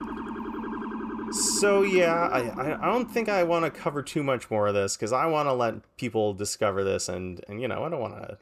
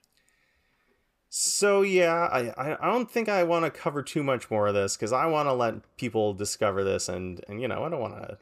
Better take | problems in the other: second | siren; noticeable; until 4 s; peak 7 dB below the speech

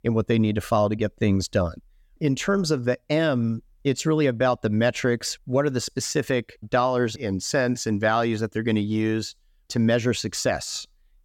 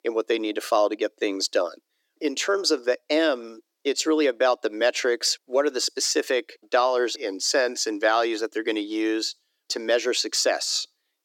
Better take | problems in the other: first | thin; very; fading below 300 Hz

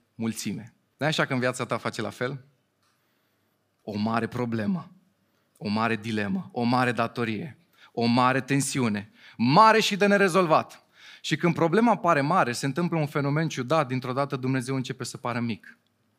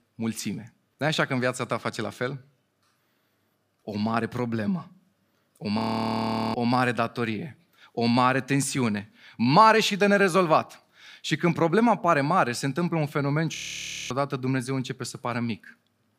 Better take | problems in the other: first | audio freezing; at 6 s for 1 s and at 14 s for 0.5 s

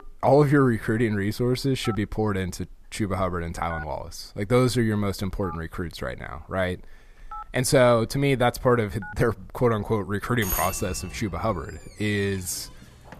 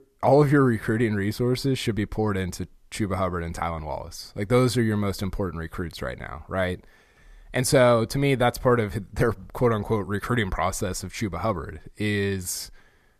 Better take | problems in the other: second | alarms or sirens; noticeable; throughout; 15 dB below the speech

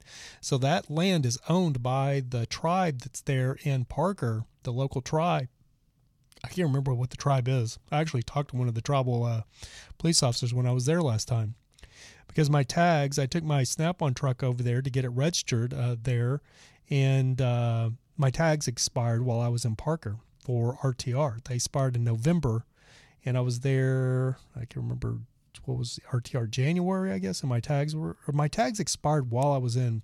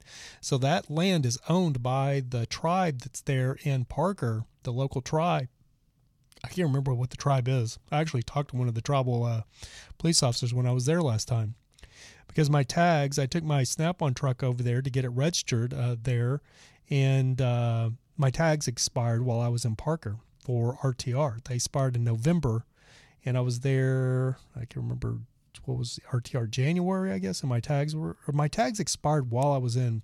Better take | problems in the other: neither | none

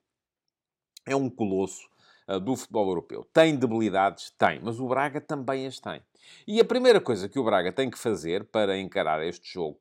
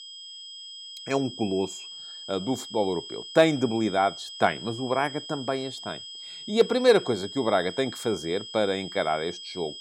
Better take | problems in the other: first | high-pitched whine; noticeable; throughout; 3 kHz, 10 dB below the speech

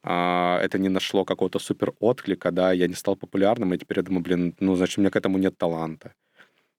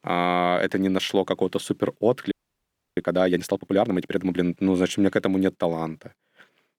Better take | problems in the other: first | audio freezing; at 2.5 s for 0.5 s

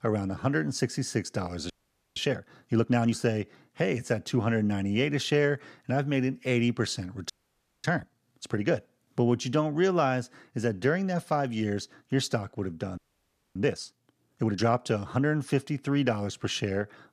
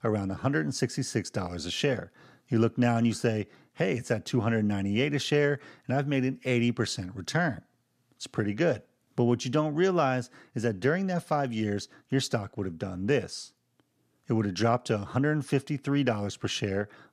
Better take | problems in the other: second | audio freezing; at 1.5 s, at 7.5 s for 0.5 s and at 13 s for 0.5 s

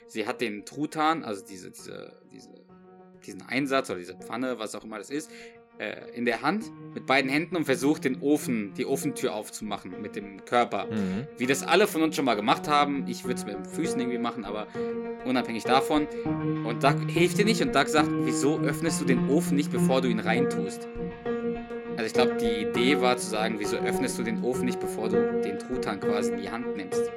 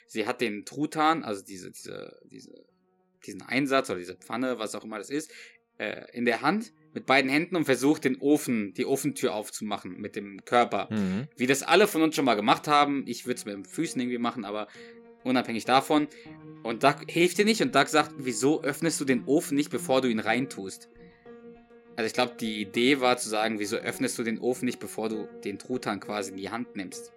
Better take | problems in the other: second | background music; loud; throughout; 3 dB below the speech; faint in the second

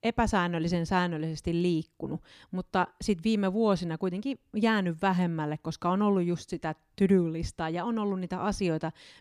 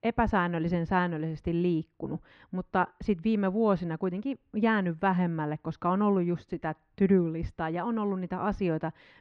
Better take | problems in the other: first | muffled; very; fading above 2 kHz

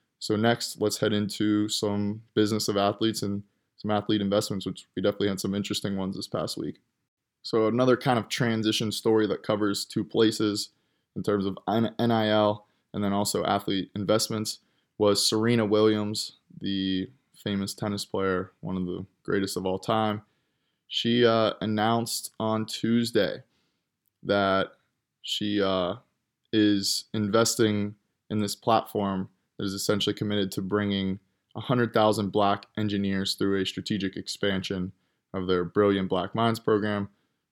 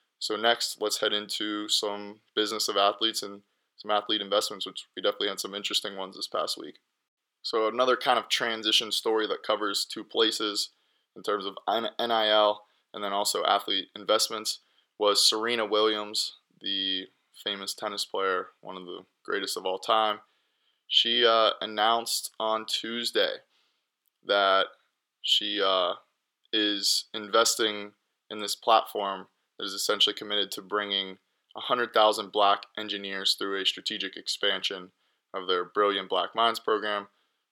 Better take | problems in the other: first | thin; very; fading below 600 Hz

